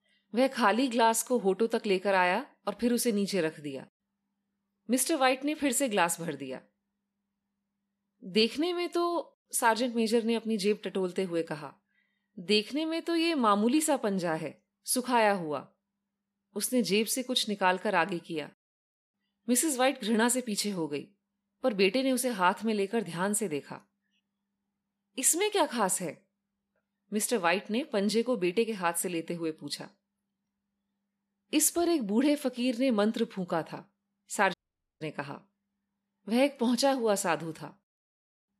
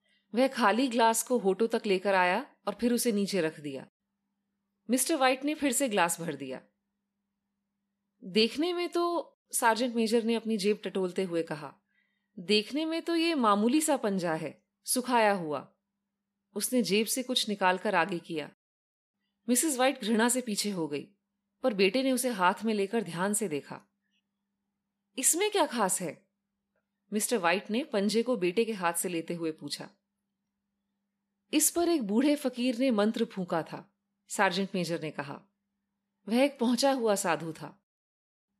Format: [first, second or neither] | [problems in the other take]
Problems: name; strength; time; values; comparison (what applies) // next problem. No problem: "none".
second | audio cutting out; at 35 s